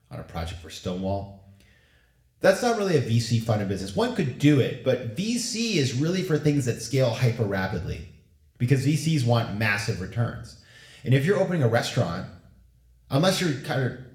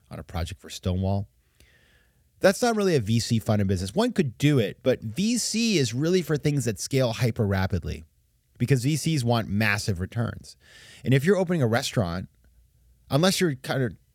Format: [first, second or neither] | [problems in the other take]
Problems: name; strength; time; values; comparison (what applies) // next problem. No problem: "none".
second | room echo; slight; dies away in 0.6 s